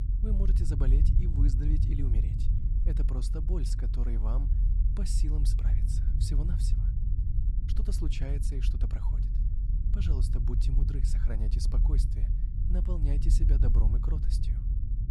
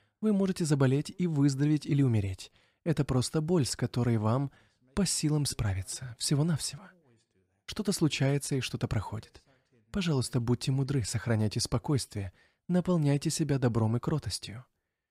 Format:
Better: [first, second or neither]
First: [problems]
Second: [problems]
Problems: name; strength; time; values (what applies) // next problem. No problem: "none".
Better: second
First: low rumble; loud; throughout; 2 dB below the speech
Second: none